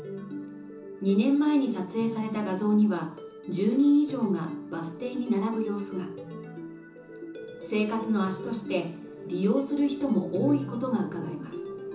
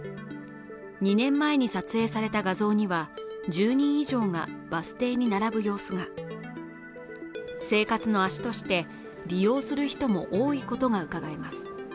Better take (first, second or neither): second